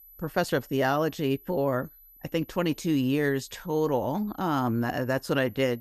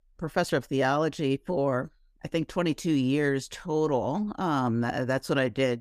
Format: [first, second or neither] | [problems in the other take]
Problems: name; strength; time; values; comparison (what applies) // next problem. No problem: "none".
second | high-pitched whine; faint; throughout; 12 kHz, 25 dB below the speech